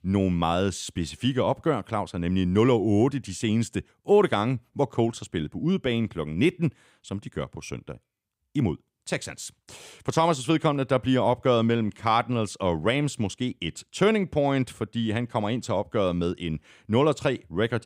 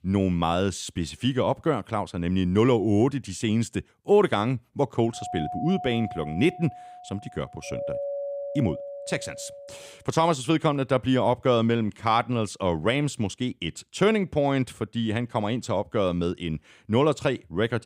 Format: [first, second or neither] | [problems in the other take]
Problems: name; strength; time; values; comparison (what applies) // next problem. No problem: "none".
first | doorbell; noticeable; from 5 to 10 s; peak 5 dB below the speech